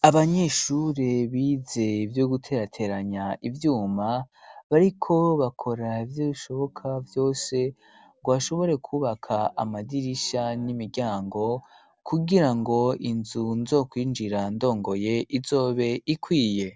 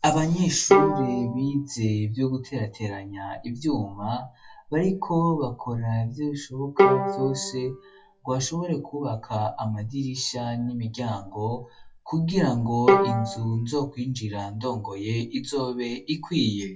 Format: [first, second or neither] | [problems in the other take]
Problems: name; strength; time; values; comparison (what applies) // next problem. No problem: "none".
first | noise reduction (classical method WPE with log-MMSE)